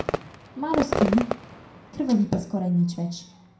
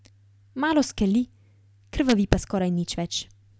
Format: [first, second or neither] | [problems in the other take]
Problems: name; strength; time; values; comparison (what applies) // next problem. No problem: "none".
second | background sound (Fireworks); 5 dB below the speech // room echo; dies away in 0.5 s